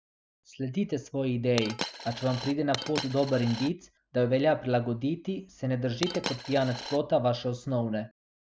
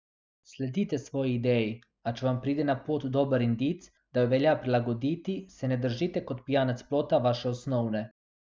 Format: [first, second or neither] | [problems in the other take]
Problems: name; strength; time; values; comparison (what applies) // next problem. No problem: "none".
second | background sound (Coin (dropping)); 8 dB below the speech